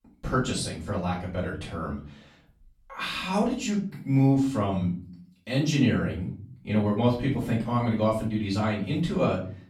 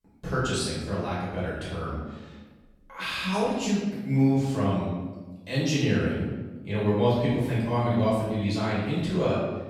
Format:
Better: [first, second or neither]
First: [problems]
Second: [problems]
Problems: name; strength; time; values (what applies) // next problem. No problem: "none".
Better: first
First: room echo; slight; dies away in 0.4 s // off-mic speech; far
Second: room echo; strong; dies away in 1.1 s // off-mic speech; far